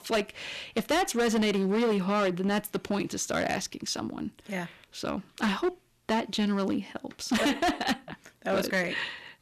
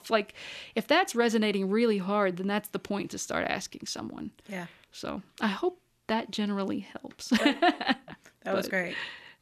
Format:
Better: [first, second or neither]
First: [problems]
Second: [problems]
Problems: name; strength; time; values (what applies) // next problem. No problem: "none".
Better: second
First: distortion; heavy; 10% of the sound clipped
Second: none